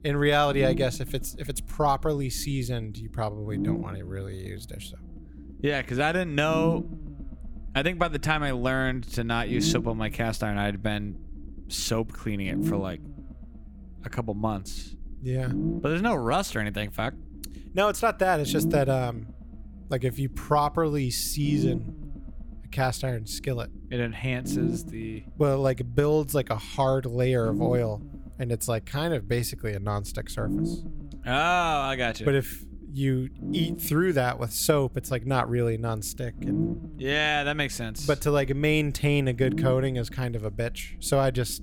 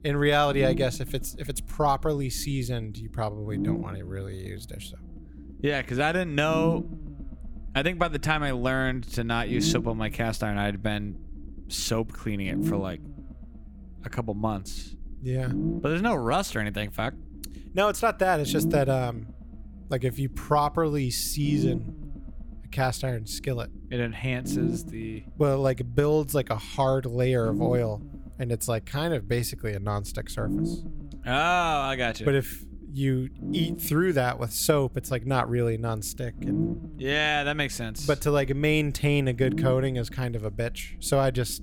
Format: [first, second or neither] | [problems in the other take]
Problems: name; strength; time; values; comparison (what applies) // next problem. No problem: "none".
neither | low rumble; noticeable; throughout; 10 dB below the speech; the same in both